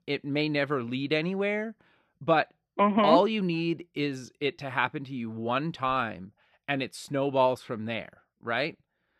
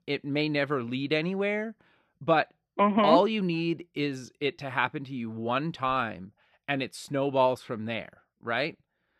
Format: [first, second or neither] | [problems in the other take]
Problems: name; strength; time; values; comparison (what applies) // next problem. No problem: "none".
neither | muffled; slightly; fading above 4 kHz; the same in both